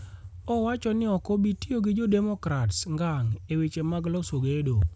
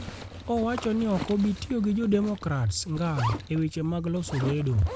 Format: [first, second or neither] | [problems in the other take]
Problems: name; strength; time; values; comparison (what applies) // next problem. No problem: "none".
first | background sound (Zipper (clothing)); 12 dB below the speech